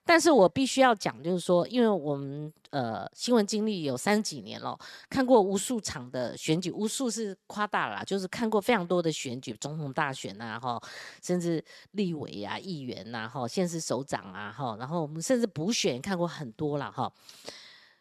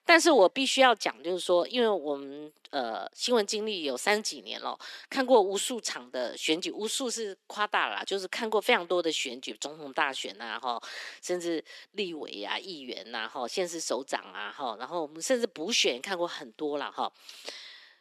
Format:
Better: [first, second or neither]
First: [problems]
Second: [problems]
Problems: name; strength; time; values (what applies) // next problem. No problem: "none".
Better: first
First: none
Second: thin; somewhat; fading below 300 Hz